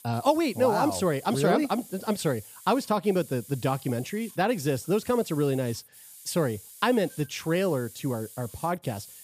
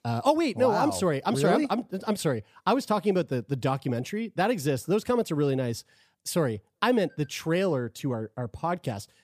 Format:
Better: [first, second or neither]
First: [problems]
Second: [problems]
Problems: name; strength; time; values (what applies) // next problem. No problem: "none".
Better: second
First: hiss; noticeable; throughout; 20 dB below the speech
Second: none